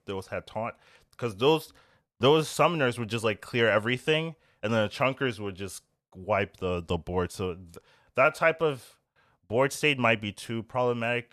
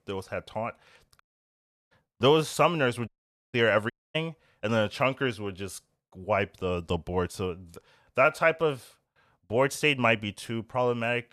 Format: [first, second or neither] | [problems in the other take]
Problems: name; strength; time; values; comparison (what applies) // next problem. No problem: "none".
first | audio cutting out; at 1 s for 0.5 s, at 3 s and at 4 s